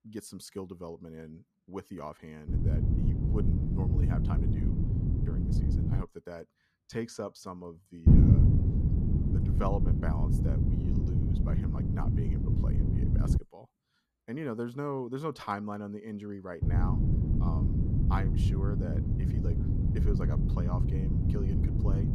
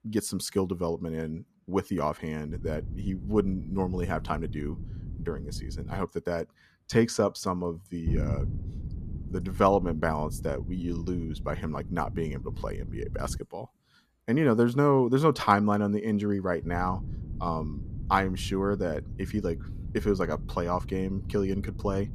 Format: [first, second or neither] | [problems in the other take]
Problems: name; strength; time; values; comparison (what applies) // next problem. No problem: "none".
second | wind noise on the microphone; heavy; from 2.5 to 6 s, from 8 to 13 s and from 17 s on; 2 dB above the speech; occasional gusts in the second